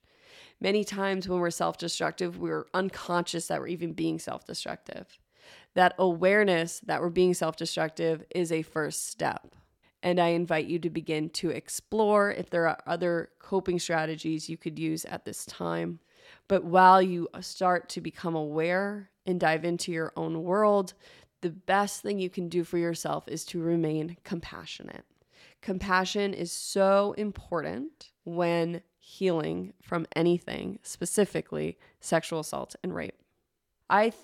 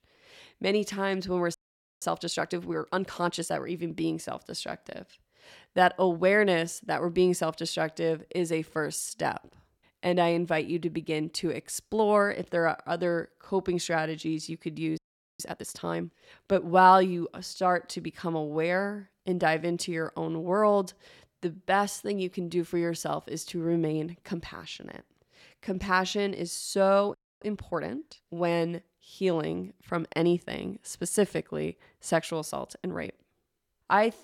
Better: first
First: none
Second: audio freezing; at 1.5 s, at 15 s and at 27 s

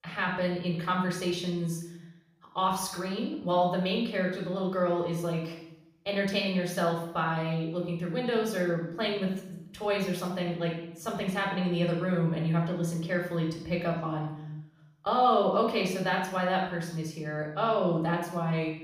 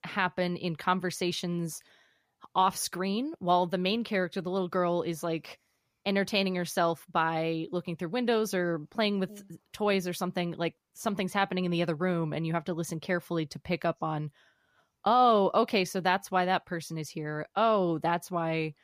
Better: second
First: off-mic speech; somewhat distant // room echo; noticeable; dies away in 0.7 s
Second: none

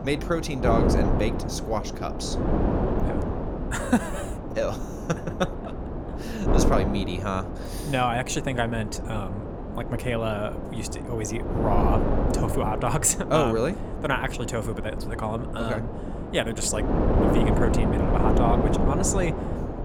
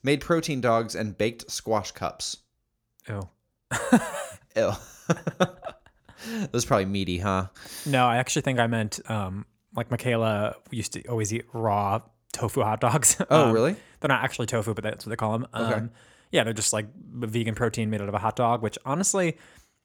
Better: second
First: wind noise on the microphone; heavy; 3 dB below the speech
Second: none

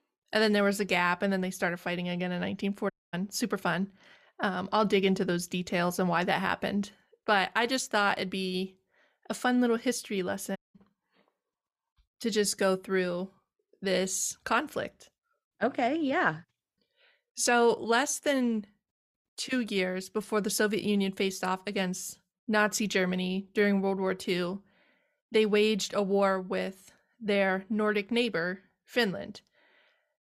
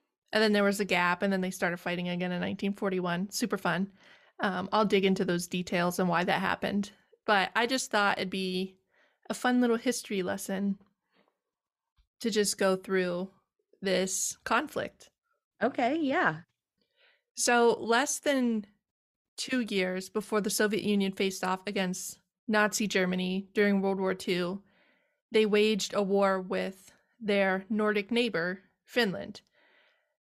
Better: second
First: audio cutting out; at 3 s and at 11 s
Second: none

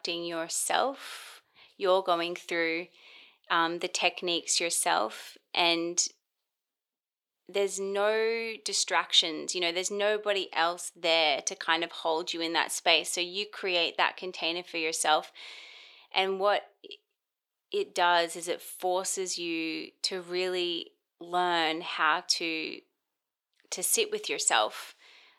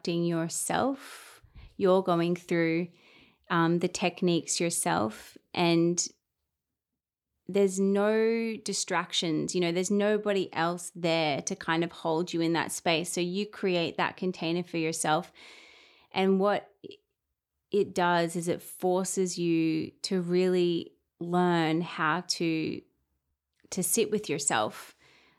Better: second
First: thin; very; fading below 600 Hz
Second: none

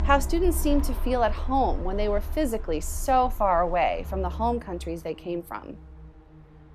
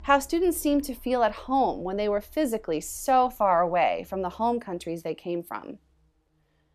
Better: second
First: traffic noise; loud; throughout; 8 dB below the speech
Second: traffic noise; faint; throughout; 30 dB below the speech

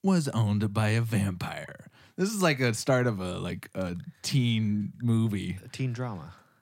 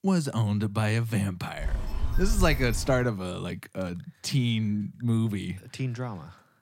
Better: first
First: none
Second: phone ringing; noticeable; from 1.5 to 3 s; peak 1 dB below the speech

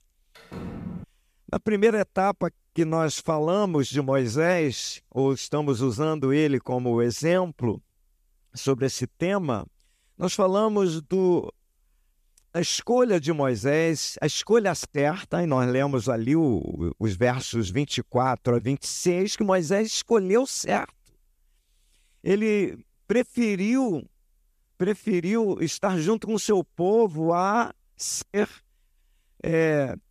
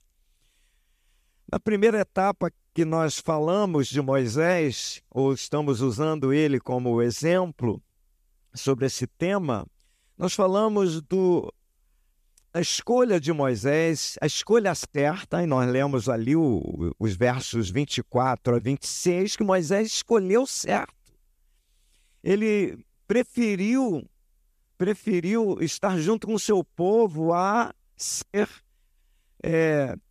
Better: second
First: door banging; faint; at 0.5 s; peak 10 dB below the speech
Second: none

